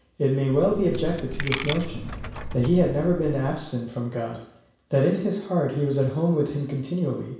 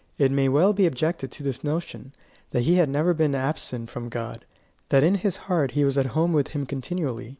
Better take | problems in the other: second | background sound (Coin (dropping)); 8 dB below the speech // room echo; dies away in 0.7 s

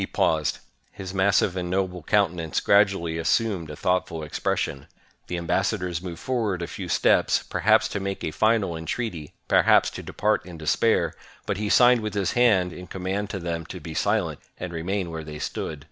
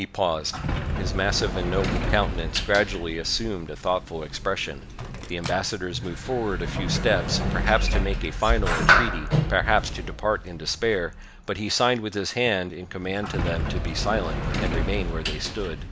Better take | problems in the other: first | background sound (Sliding door); as loud as the speech

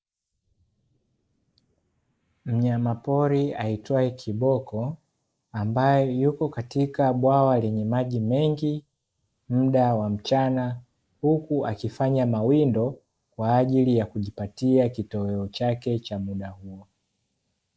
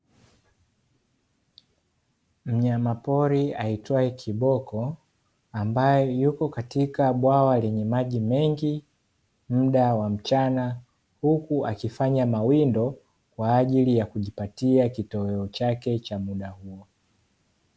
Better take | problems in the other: second | noise reduction (neural mask model Resemble Enhance denoiser)

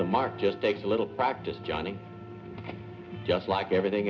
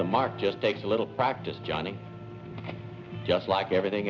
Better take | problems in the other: second | room echo; dies away in 0.3 s

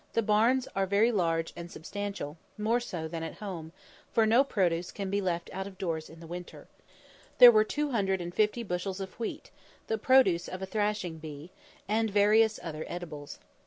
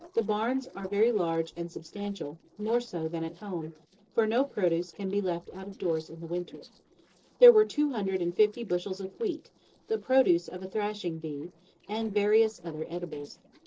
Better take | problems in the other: first | noise reduction (neural separator model SepFormer DNS4)

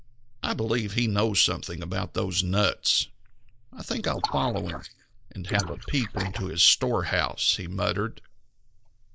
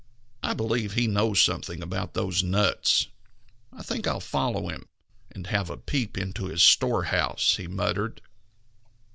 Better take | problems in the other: second | noise reduction (neural mask model Resemble Enhance denoiser)

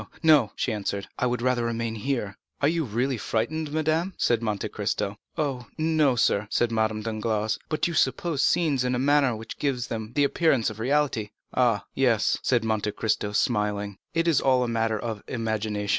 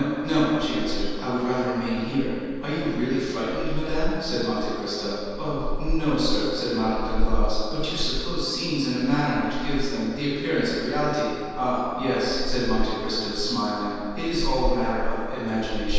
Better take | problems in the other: first | background sound (Meow / Purr); 2 dB below the speech // room echo; dies away in 2.1 s

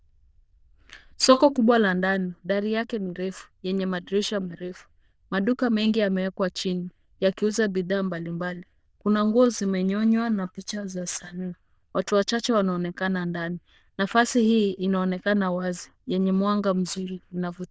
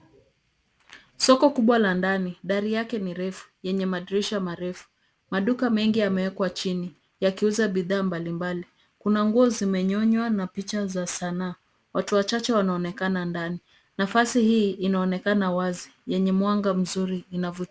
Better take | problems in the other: second | noise reduction (neural diffusion model UNIVERSE++)

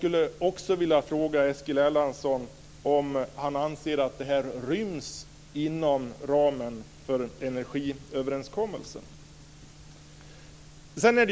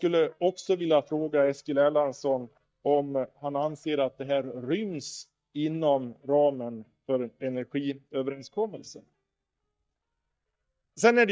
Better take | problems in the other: first | noise reduction (neural mask model DeepFilterNet 3)

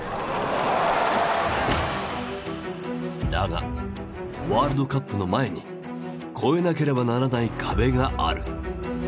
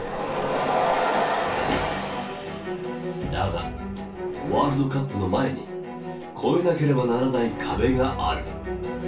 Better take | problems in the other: first | room echo; dies away in 0.2 s

